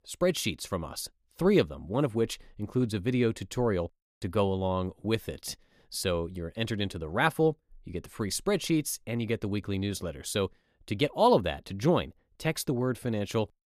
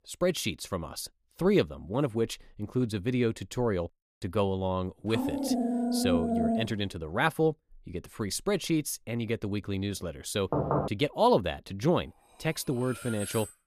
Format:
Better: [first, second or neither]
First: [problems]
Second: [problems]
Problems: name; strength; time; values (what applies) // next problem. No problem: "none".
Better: first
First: none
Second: dog barking; loud; from 5 to 6.5 s; peak 3 dB above the speech // door banging; loud; at 11 s; peak 2 dB above the speech // clattering dishes; noticeable; from 12 s on; peak 7 dB below the speech